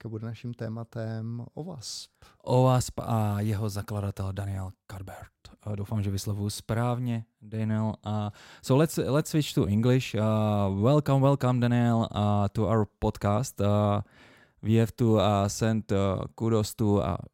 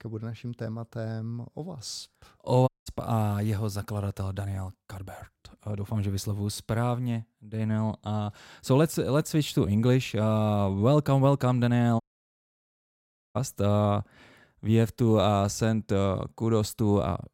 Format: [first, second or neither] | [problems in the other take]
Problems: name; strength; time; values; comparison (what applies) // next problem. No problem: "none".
first | audio cutting out; at 2.5 s and at 12 s for 1.5 s